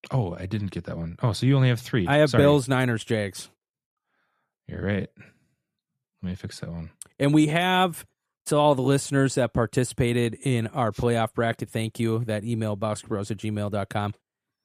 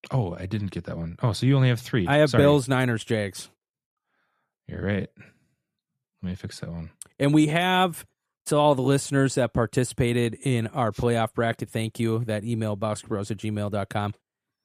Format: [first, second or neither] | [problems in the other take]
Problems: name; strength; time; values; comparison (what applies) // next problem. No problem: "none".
neither | none